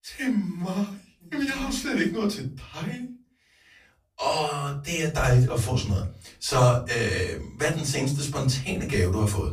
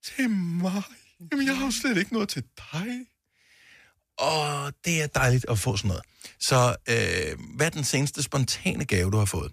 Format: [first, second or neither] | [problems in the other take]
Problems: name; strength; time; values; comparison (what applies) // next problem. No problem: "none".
second | off-mic speech; far // room echo; very slight; dies away in 0.3 s